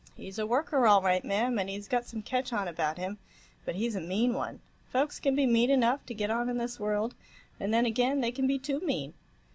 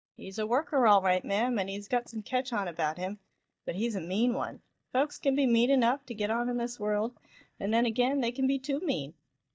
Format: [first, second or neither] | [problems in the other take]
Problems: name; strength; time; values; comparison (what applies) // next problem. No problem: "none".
first | noise reduction (neural mask model DeepFilterNet 3)